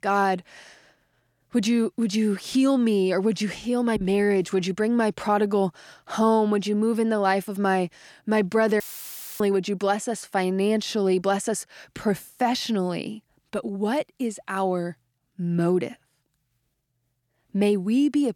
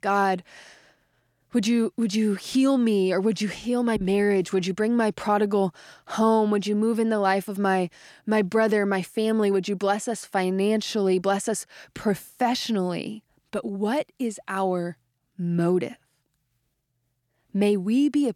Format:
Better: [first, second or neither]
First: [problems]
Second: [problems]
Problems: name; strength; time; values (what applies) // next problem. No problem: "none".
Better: second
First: audio cutting out; filled with static; at 9 s for 0.5 s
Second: none